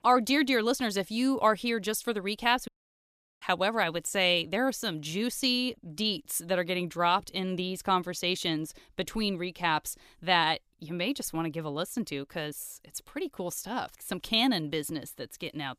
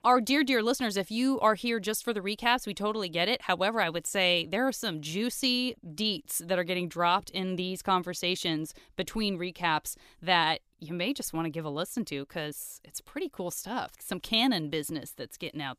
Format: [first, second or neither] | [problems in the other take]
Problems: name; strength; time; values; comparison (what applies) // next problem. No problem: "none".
second | audio cutting out; at 2.5 s for 0.5 s